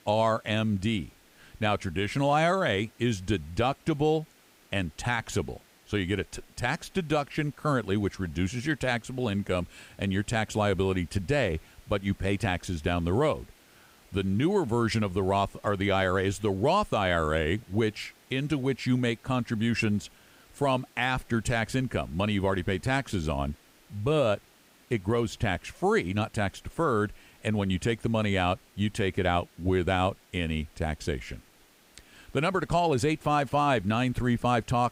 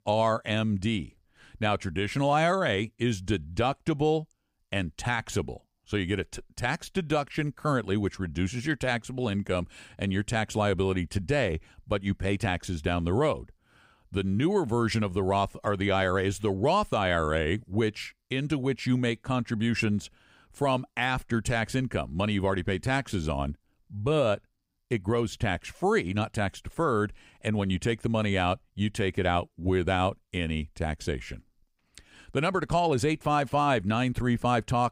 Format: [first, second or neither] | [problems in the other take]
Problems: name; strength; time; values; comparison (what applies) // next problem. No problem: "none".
second | hiss; faint; throughout; 30 dB below the speech